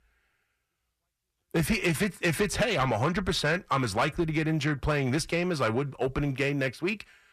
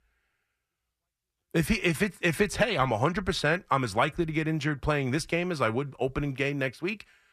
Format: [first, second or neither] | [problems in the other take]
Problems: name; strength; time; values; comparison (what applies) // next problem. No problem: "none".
second | distortion; slight; 10 dB below the speech